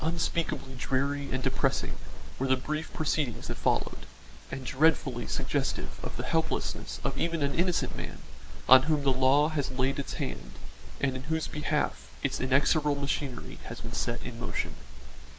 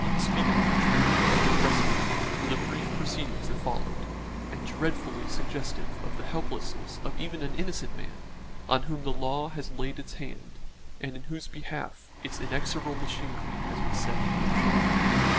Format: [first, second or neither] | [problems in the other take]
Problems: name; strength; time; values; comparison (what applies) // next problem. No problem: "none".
first | background sound (Bus); as loud as the speech